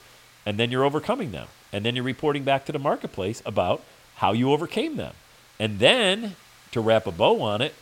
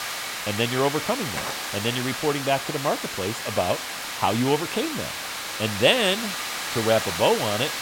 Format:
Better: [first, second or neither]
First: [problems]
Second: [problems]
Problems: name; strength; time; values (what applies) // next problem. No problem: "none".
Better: first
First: hiss; faint; throughout; 25 dB below the speech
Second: hiss; loud; throughout; 4 dB below the speech